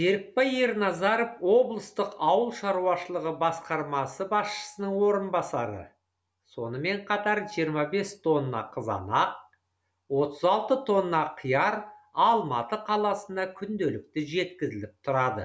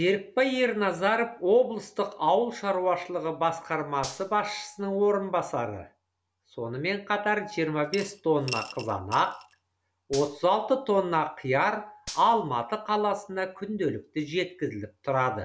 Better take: first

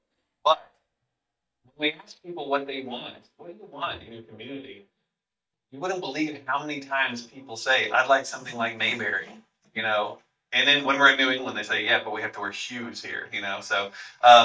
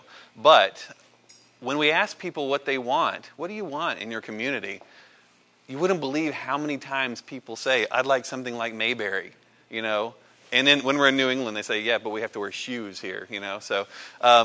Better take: second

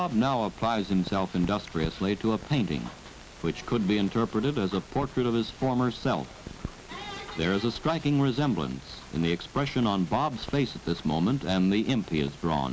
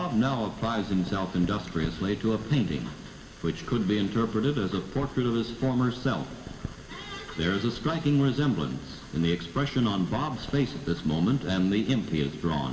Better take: first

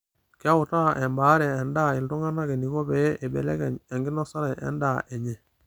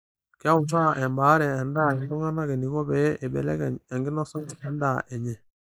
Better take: first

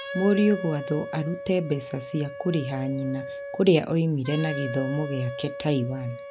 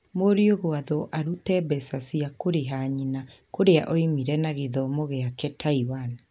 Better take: second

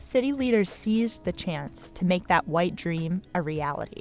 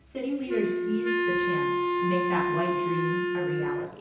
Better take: first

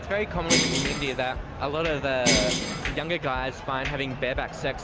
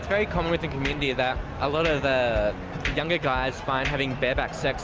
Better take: second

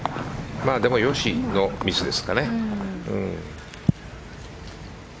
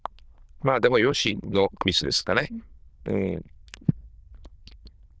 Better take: first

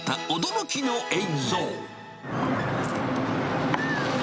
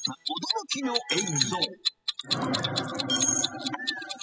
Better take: first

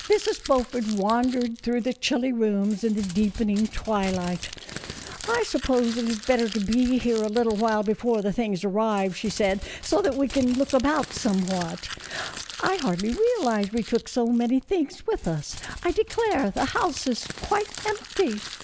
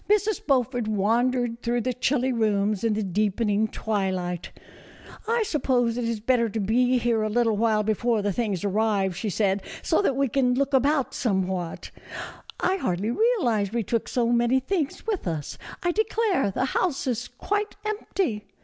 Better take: second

